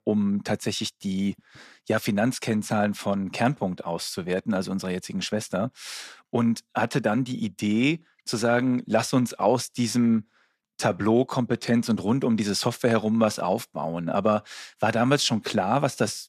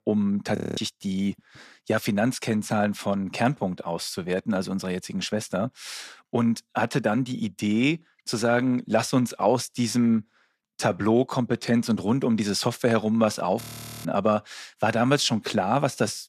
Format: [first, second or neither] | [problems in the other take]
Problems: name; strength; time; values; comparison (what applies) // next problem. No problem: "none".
first | audio freezing; at 0.5 s and at 14 s